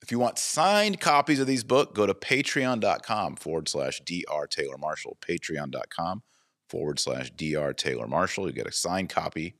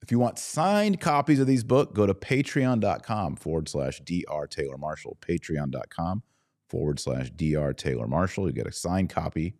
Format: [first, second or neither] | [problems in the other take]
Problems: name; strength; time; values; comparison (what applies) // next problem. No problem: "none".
second | thin; very slightly; fading below 1 kHz